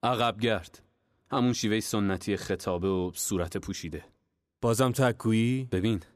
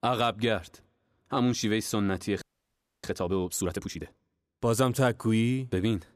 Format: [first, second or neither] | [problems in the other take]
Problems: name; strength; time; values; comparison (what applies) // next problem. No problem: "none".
first | audio freezing; at 2.5 s for 0.5 s